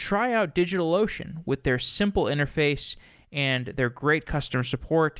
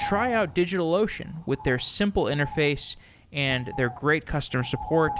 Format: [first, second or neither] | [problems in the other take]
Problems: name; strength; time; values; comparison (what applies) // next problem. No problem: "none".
first | background sound (Bird); 13 dB below the speech